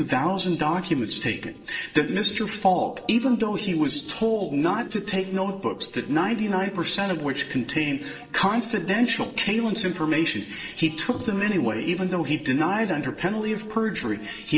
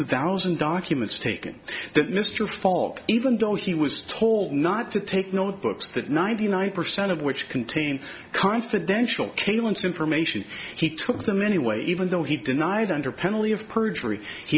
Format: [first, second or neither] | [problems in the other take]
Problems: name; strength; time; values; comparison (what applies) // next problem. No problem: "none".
second | noise reduction (neural separator model SepFormer DNS4)